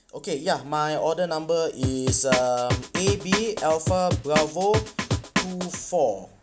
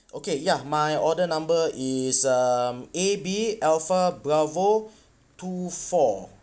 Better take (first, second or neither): second